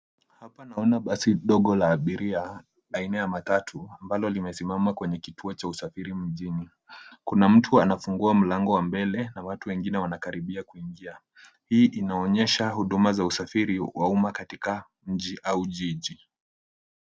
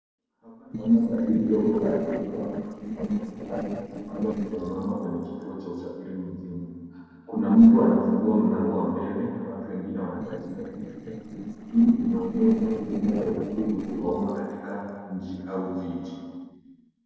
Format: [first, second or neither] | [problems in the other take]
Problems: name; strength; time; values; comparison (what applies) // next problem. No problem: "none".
first | noise reduction (neural separator model SepFormer DNS4)